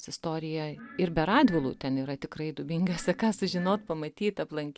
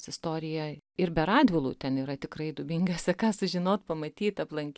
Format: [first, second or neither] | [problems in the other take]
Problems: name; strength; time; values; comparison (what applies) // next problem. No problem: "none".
second | background sound (Glass); 17 dB below the speech